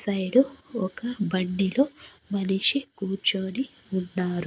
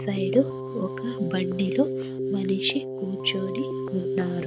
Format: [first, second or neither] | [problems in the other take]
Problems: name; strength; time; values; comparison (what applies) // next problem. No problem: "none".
first | background sound (Keyboard (musical)); 3 dB below the speech